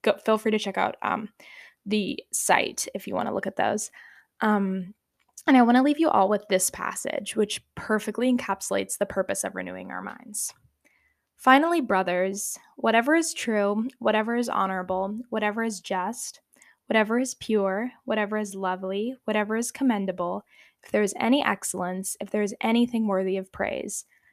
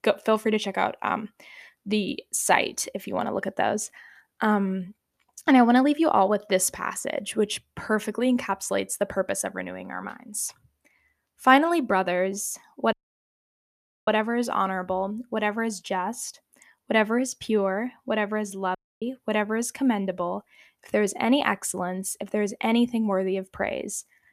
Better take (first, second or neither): first